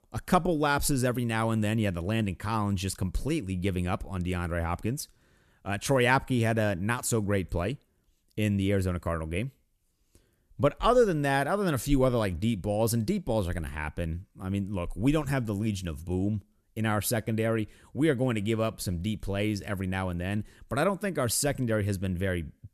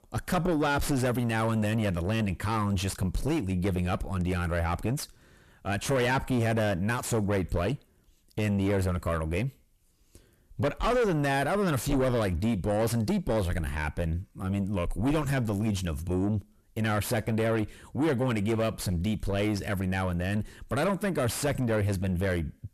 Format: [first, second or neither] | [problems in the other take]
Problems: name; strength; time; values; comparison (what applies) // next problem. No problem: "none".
first | distortion; heavy; 6 dB below the speech